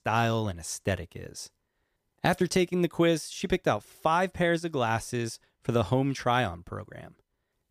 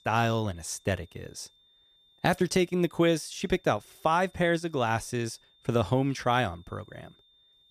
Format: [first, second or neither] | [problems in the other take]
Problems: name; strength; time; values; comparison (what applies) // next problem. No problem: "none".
first | high-pitched whine; faint; throughout; 3.5 kHz, 30 dB below the speech